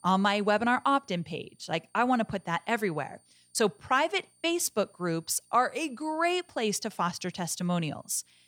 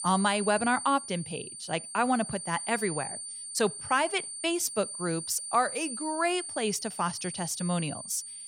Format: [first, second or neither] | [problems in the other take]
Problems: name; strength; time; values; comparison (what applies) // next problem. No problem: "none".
first | high-pitched whine; loud; throughout; 9 kHz, 7 dB below the speech; faint in the first